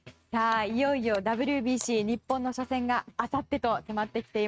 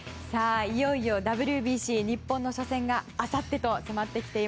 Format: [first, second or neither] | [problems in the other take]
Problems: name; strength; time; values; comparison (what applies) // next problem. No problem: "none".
second | noise reduction (neural mask model RNNoise)